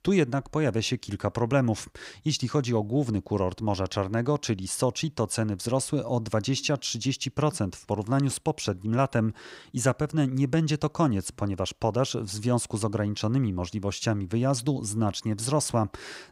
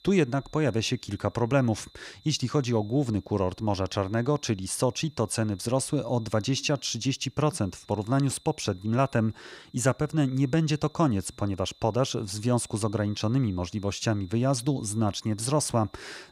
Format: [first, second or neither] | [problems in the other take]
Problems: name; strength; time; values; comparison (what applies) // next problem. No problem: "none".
first | high-pitched whine; faint; throughout; 4 kHz, 30 dB below the speech